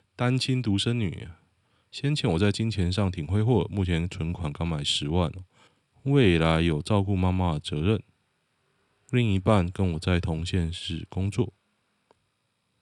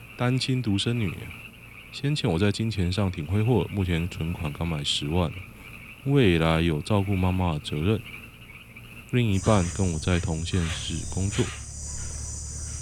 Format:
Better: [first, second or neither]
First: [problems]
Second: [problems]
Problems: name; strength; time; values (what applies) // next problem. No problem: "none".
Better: first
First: none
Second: animal sounds; noticeable; throughout; 10 dB below the speech